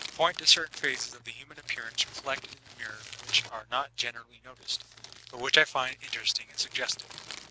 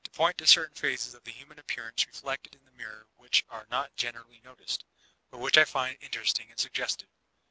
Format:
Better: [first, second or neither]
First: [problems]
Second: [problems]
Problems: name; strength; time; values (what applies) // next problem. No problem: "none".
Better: second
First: background sound (Crumpling, crinkling); 16 dB below the speech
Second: none